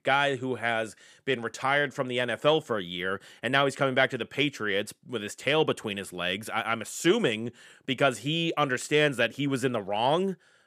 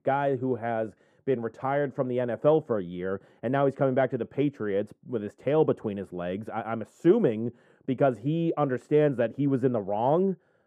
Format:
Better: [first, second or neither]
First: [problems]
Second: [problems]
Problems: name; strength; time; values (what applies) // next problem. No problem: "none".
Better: first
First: none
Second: muffled; very; fading above 1.5 kHz